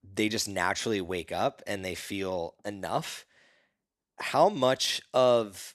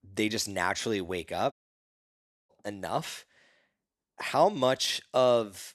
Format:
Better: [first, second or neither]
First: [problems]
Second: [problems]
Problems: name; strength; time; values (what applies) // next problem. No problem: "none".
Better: first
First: none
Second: audio cutting out; at 1.5 s for 1 s